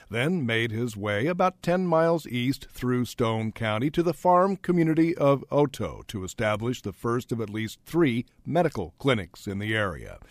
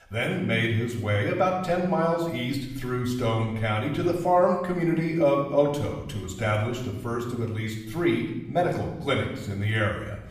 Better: first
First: none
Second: room echo; noticeable; dies away in 0.9 s // off-mic speech; far

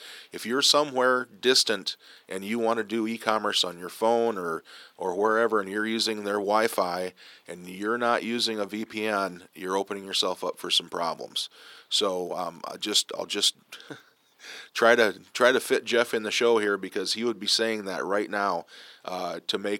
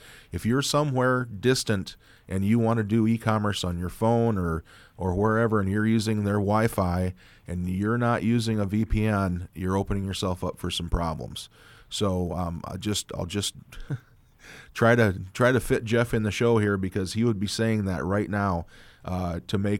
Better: second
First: thin; somewhat; fading below 350 Hz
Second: none

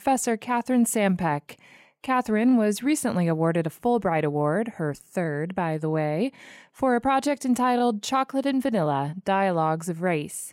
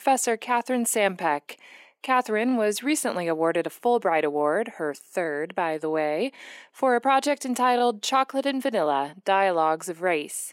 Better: first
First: none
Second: thin; somewhat; fading below 300 Hz

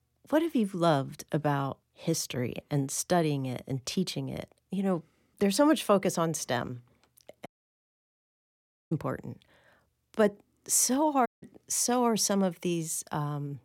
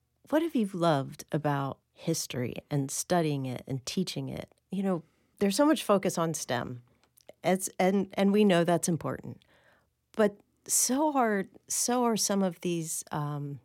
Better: second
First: audio cutting out; at 7.5 s for 1.5 s and at 11 s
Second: none

